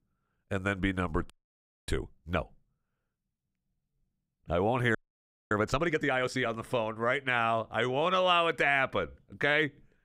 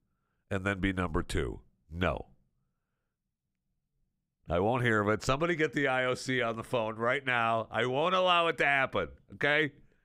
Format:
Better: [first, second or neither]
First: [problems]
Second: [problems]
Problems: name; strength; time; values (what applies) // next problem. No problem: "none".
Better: second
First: audio freezing; at 1.5 s for 0.5 s and at 5 s for 0.5 s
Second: none